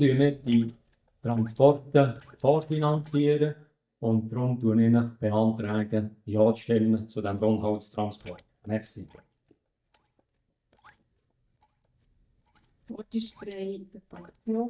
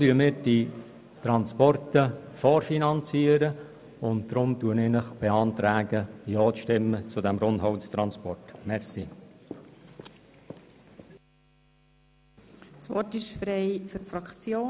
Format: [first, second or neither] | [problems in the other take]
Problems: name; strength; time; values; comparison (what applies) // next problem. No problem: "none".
second | noise reduction (neural mask model DeepFilterNet 3)